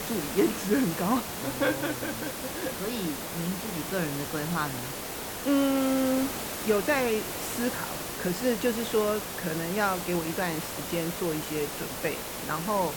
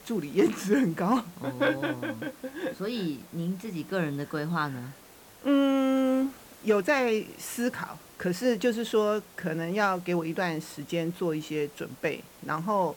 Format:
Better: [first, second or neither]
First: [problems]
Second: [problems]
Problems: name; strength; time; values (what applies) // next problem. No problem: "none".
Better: second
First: hiss; loud; throughout; 4 dB below the speech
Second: hiss; faint; throughout; 20 dB below the speech